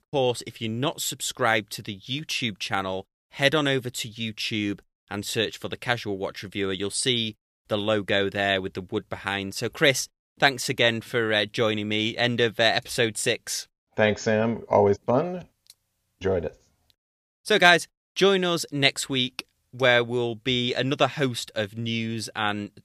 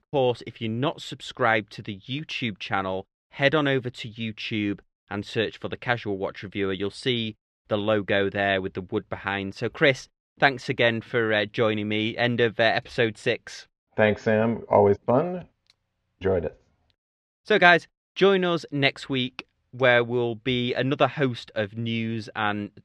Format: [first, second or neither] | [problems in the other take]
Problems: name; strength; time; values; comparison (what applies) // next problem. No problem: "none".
first | muffled; slightly; fading above 2.5 kHz